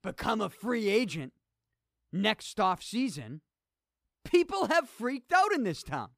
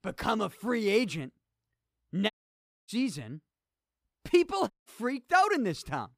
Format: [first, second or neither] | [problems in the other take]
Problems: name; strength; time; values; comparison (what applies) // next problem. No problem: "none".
first | audio cutting out; at 2.5 s for 0.5 s and at 4.5 s